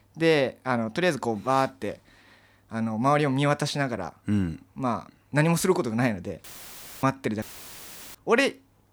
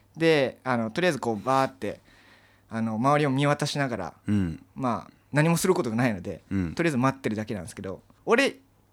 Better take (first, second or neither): second